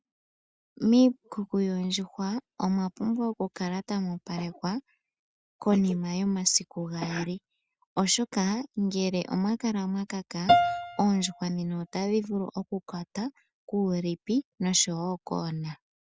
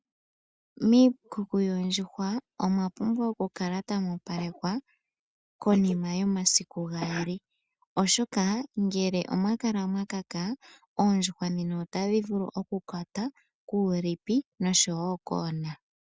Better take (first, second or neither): second